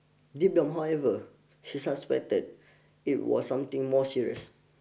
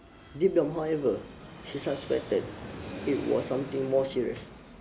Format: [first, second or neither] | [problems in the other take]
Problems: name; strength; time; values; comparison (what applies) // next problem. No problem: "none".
first | background sound (Fixed-wing aircraft, airplane); 13 dB below the speech